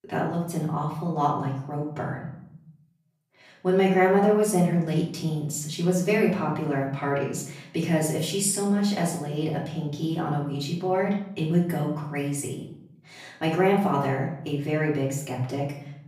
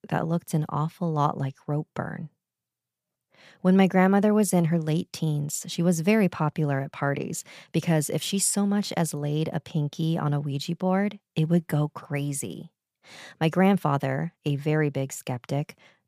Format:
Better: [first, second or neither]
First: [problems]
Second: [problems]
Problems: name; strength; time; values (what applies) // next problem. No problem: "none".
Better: second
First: off-mic speech; far // room echo; noticeable; dies away in 0.6 s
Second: none